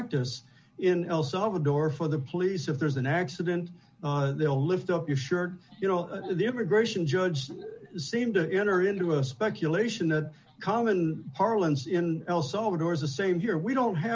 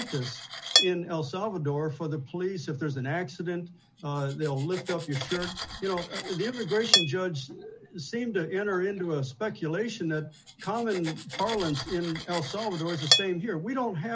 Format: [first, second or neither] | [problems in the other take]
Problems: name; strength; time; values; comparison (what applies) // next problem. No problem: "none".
first | background sound (Cutlery, silverware); 3 dB below the speech